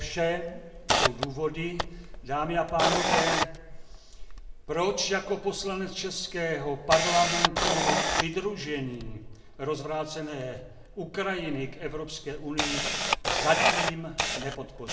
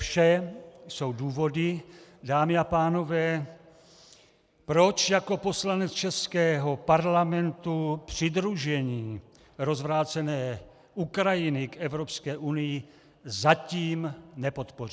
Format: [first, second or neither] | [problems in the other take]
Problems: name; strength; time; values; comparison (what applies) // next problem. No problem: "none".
second | background sound (Camera); as loud as the speech // room echo; dies away in 0.7 s